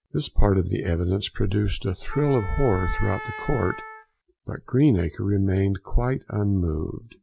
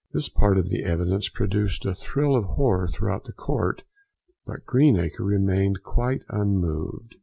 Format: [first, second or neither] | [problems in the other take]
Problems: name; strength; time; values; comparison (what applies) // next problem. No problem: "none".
second | background sound (Wind instrument, woodwind instrument); 12 dB below the speech